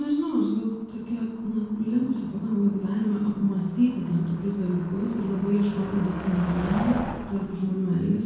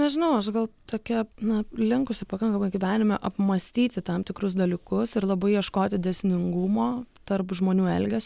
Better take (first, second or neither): second